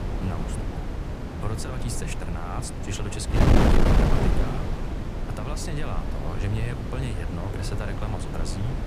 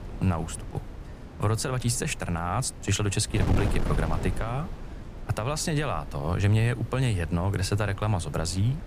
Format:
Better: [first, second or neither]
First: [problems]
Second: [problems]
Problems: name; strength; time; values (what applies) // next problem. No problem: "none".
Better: second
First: wind noise on the microphone; heavy; 4 dB above the speech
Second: wind noise on the microphone; occasional gusts; 10 dB below the speech